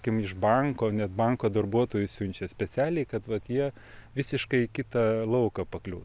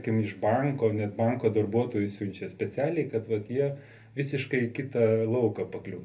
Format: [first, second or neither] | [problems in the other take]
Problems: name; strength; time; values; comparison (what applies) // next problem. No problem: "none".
first | room echo; dies away in 0.3 s